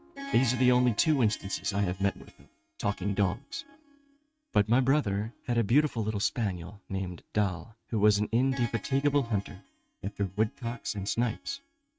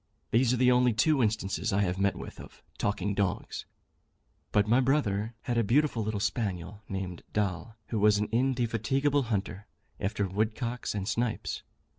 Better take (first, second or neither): second